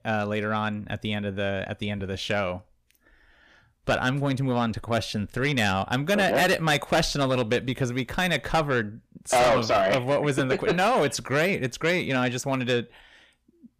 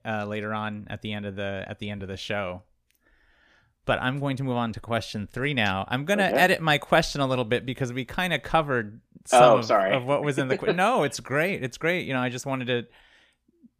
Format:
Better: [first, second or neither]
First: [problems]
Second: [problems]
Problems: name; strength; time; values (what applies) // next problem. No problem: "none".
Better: second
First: distortion; heavy; 7 dB below the speech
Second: none